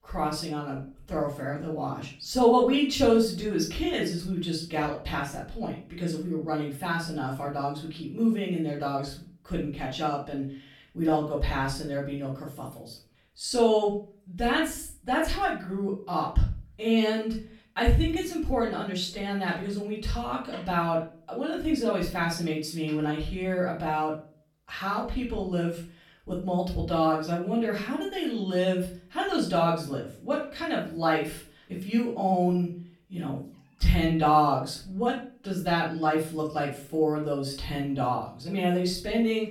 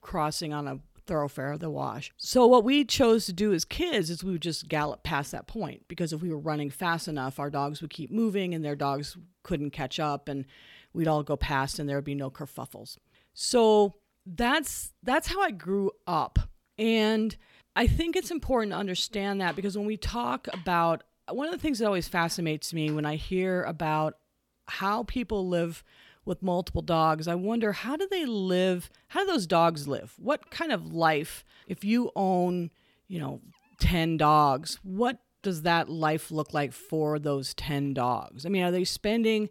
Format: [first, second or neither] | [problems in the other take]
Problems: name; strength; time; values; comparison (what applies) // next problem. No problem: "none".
second | off-mic speech; far // room echo; noticeable; dies away in 0.4 s